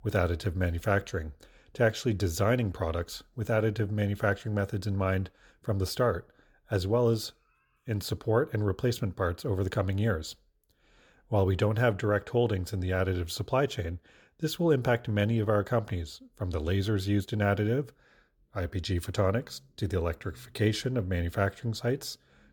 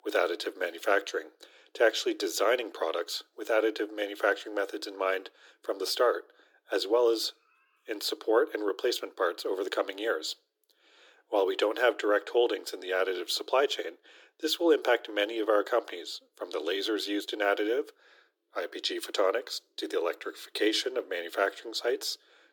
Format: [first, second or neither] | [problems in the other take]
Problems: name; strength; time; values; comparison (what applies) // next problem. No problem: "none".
first | thin; very; fading below 300 Hz